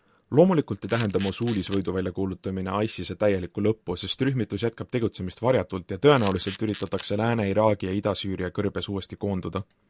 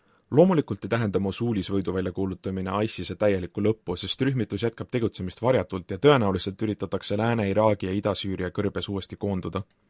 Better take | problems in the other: second | background sound (Camera); 17 dB below the speech

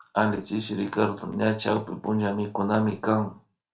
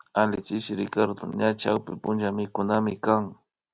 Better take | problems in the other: second | room echo; dies away in 0.3 s

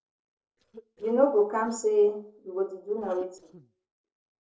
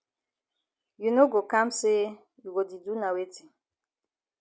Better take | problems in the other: second | noise reduction (neural separator model SepFormer DNS4)

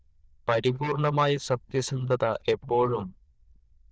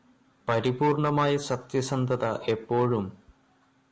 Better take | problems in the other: second | noise reduction (neural diffusion model UNIVERSE++)

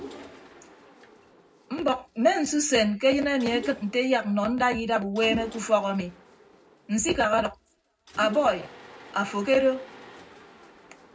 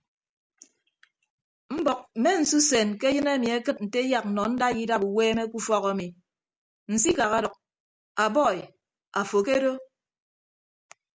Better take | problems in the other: second | background sound (Mechanisms); 18 dB below the speech // room echo; dies away in 0.3 s

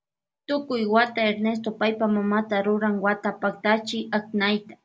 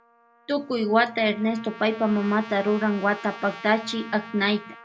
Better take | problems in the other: first | background sound (Trumpet); 18 dB below the speech

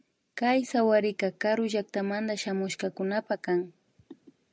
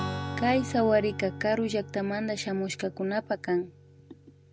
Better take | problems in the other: first | background sound (Strum); 10 dB below the speech

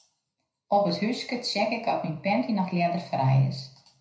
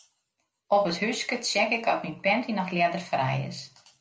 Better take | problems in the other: second | room echo; dies away in 0.5 s

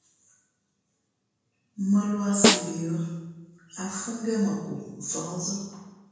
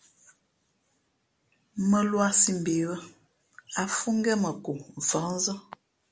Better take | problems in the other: second | background sound (Snare drum); 4 dB above the speech // room echo; dies away in 1 s

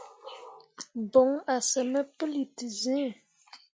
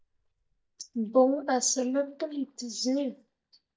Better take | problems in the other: first | noise reduction (neural mask model DeepFilterNet 3)

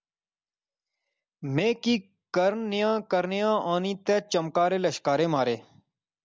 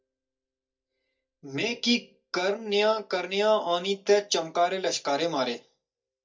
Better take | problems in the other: first | noise reduction (neural mask model DeepFilterNet 3)

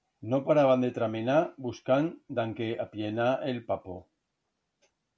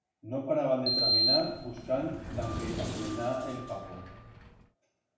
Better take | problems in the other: first | background sound (Sliding door); 1 dB above the speech // room echo; dies away in 0.8 s

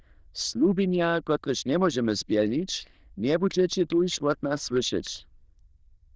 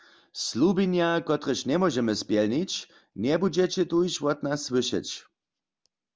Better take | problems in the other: second | noise reduction (neural diffusion model UNIVERSE++)

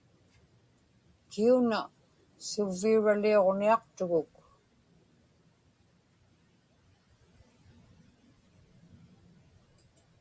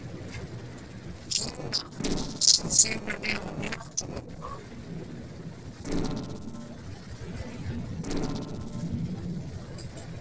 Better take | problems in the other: first | noise reduction (neural separator model SepFormer DNS4)

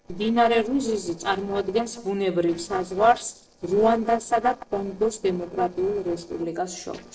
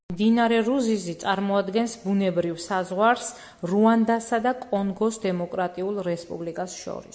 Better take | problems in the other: second | noise reduction (neural separator model SepFormer DNS4)

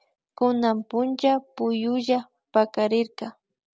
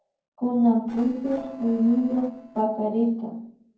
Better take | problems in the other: first | noise reduction (neural separator model SepFormer DNS4)

